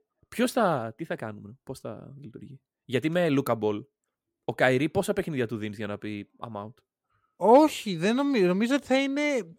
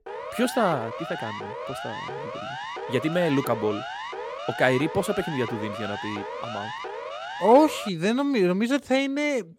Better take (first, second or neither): first